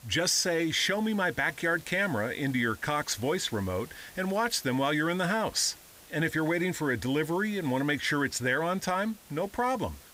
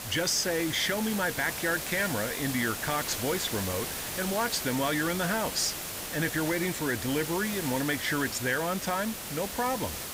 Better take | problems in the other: first | hiss; loud; throughout; 4 dB below the speech; faint in the first

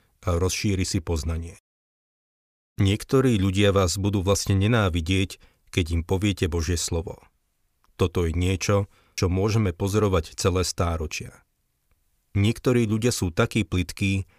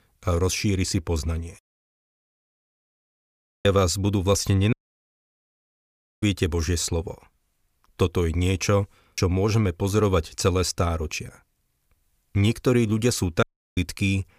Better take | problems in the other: first | audio cutting out; at 2.5 s for 1 s, at 4.5 s for 1.5 s and at 13 s

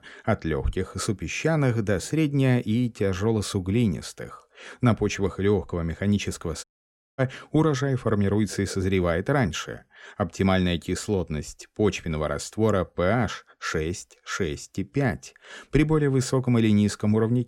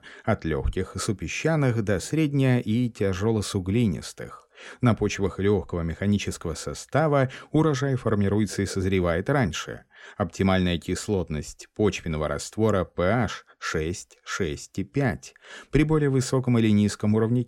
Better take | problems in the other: second | audio cutting out; at 6.5 s for 0.5 s

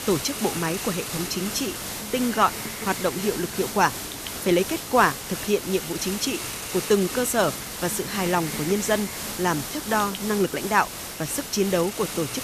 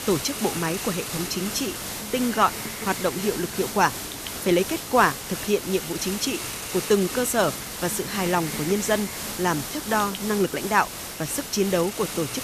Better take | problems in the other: neither | hiss; loud; throughout; 6 dB below the speech; the same in both

